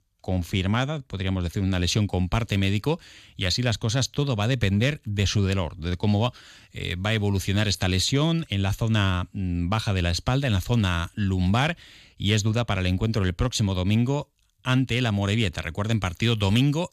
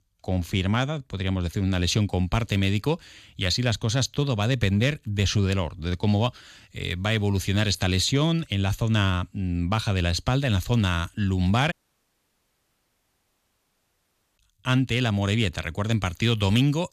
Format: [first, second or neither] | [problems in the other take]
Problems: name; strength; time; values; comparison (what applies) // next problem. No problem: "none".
first | audio cutting out; at 12 s for 2.5 s